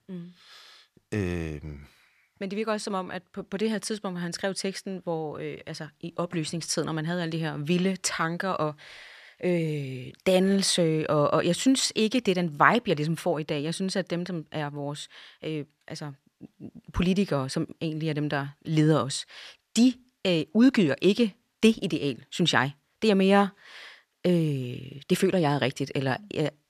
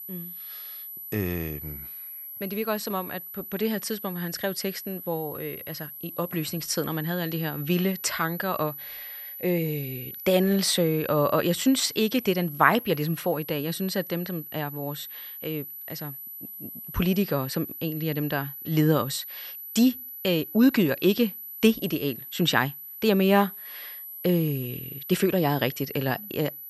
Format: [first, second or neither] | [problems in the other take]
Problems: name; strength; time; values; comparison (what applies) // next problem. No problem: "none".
first | high-pitched whine; noticeable; throughout; 12 kHz, 10 dB below the speech